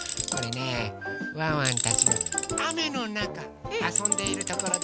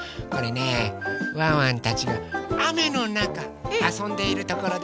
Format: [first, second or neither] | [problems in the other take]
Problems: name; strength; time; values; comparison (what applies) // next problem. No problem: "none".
second | background sound (Tools); 2 dB above the speech